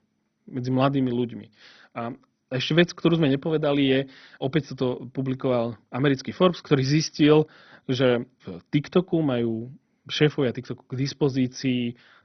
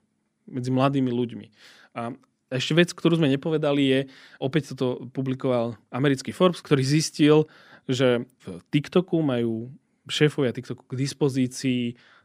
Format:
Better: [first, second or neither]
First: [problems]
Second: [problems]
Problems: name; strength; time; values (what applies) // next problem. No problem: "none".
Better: second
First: garbled, watery; badly; nothing above 6 kHz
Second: none